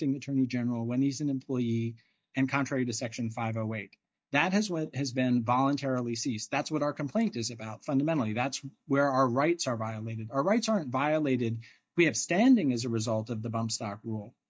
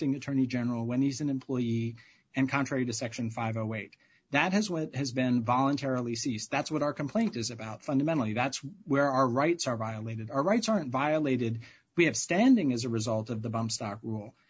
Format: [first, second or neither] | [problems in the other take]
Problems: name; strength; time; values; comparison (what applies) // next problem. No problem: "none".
second | noise reduction (neural mask model DeepFilterNet 3)